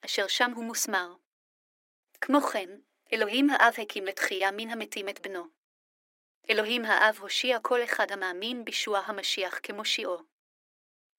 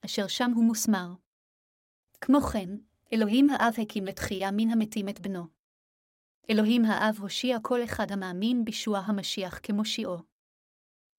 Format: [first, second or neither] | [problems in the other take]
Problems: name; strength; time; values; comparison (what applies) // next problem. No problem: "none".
second | thin; somewhat; fading below 300 Hz